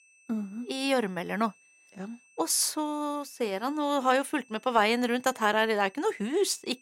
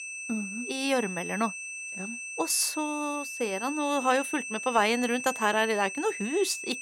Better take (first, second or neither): first